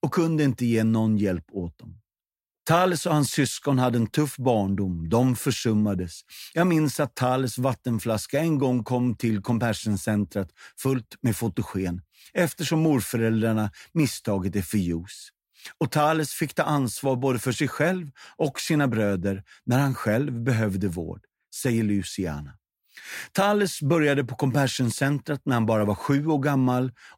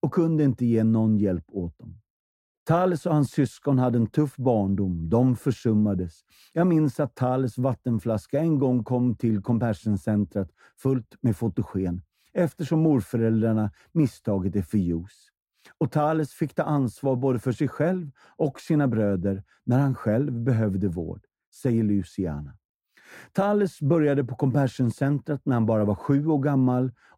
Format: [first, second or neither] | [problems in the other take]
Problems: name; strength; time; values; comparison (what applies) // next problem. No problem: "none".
first | muffled; slightly; fading above 1 kHz